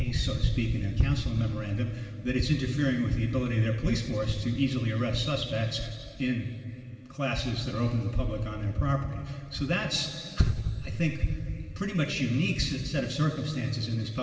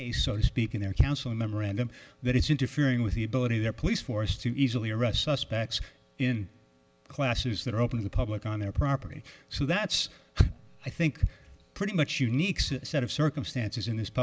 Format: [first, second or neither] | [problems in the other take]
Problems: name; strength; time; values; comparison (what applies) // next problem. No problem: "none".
second | room echo; dies away in 2.3 s